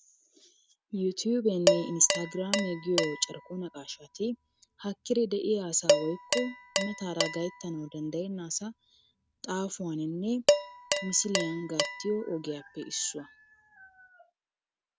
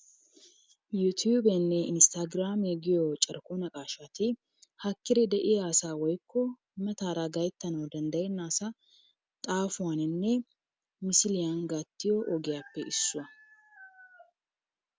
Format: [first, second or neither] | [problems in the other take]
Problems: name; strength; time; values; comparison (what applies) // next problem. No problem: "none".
second | background sound (Dishes, pots, and pans); as loud as the speech